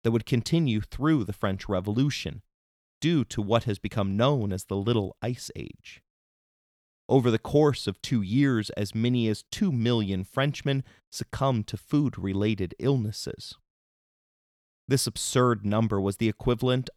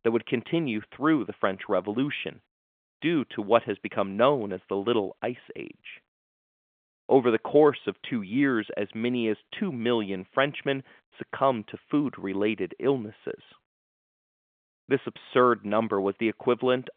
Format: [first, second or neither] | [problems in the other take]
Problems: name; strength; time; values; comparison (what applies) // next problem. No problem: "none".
first | phone-call audio; nothing above 3.5 kHz